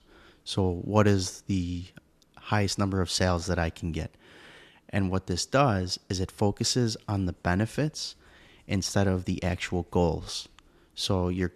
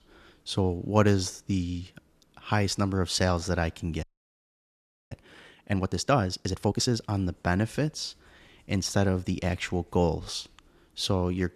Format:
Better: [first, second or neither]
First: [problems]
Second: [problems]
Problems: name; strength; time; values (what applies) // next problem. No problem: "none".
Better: first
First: none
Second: audio freezing; at 4 s for 1 s